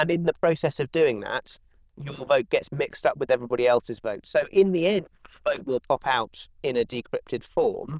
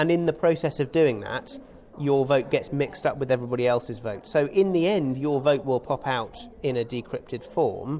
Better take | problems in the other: second | noise reduction (neural diffusion model UNIVERSE++)

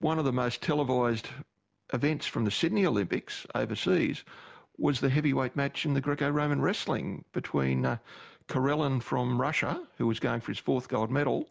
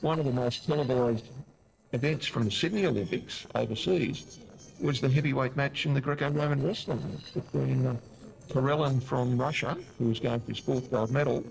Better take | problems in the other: first | noise reduction (neural separator model SepFormer DNS4)

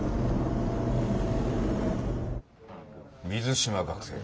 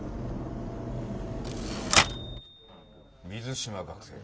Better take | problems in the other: first | background sound (Typewriter); 5 dB above the speech

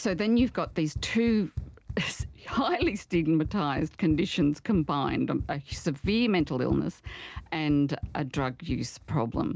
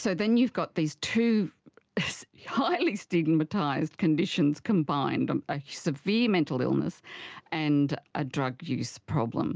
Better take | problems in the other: second | background sound (Run); 13 dB below the speech

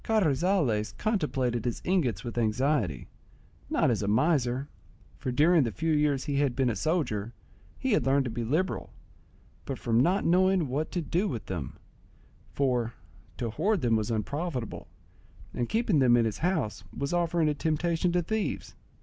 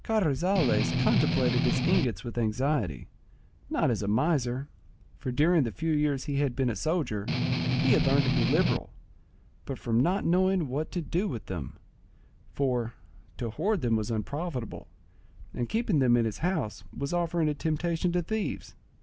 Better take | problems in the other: first | background sound (Strum); 2 dB above the speech

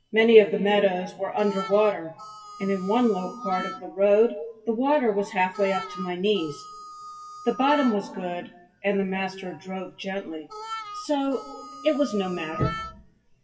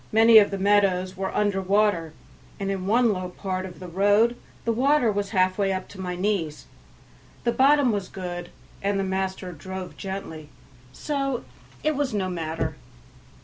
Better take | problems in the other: second | noise reduction (classical method WPE with log-MMSE)

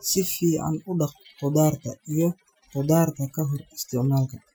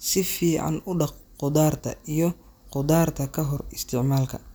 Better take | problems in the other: second | noise reduction (classical method Wiener filter)

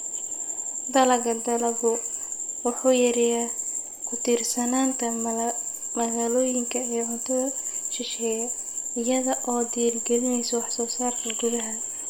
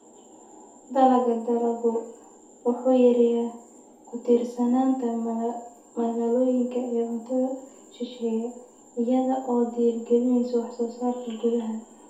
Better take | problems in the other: first | room echo; dies away in 0.5 s

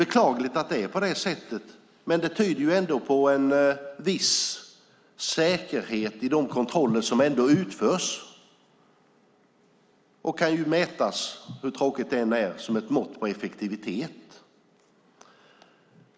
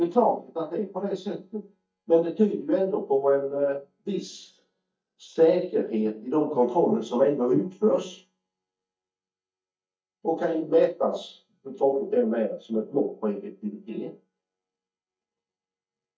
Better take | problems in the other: first | noise reduction (neural mask model DeepFilterNet 3)

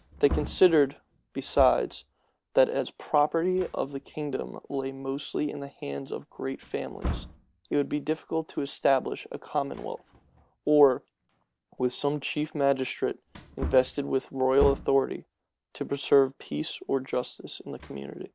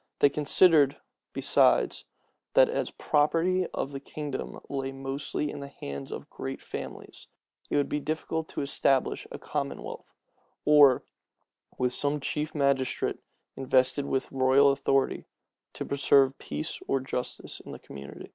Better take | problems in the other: second | background sound (Wood); 14 dB below the speech

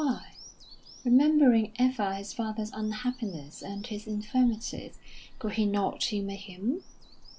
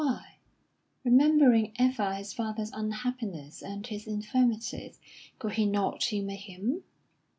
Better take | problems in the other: second | background sound (Bird vocalization, bird call, bird song); 18 dB below the speech

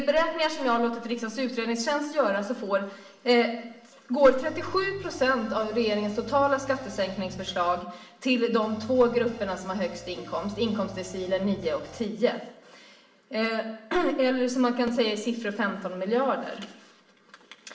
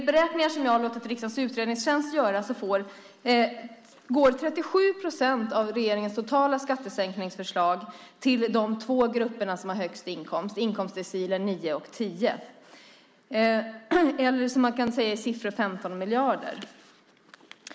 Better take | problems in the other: second | background sound (Guitar); 18 dB below the speech // room echo; dies away in 0.6 s

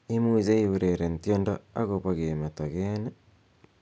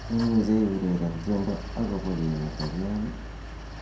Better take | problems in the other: first | background sound (Mechanical fan); 9 dB below the speech // room echo; dies away in 0.5 s

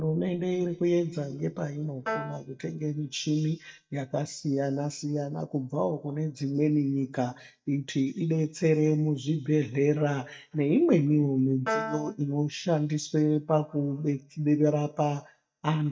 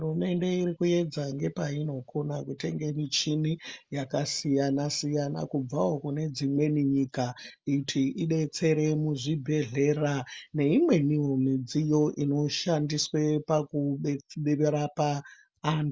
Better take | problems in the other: second | noise reduction (neural mask model DeepFilterNet 3)

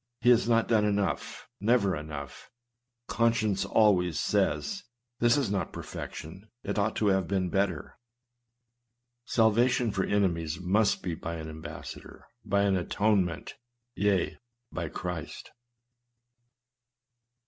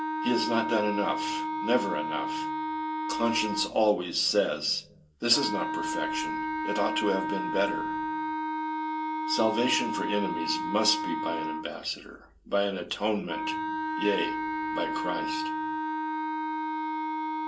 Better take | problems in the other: first | background sound (Wind instrument, woodwind instrument); 1 dB below the speech // room echo; dies away in 0.2 s

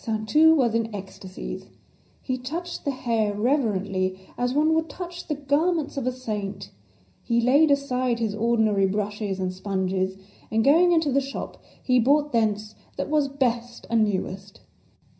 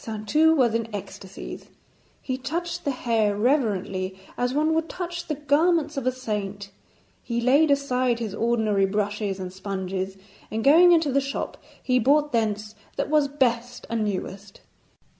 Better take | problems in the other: second | room echo; dies away in 0.4 s

